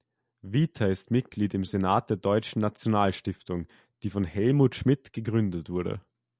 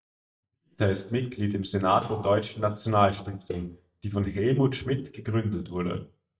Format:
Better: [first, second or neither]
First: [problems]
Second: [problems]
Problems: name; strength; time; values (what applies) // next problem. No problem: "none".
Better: first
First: none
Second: noise reduction (neural mask model DeepFilterNet 3)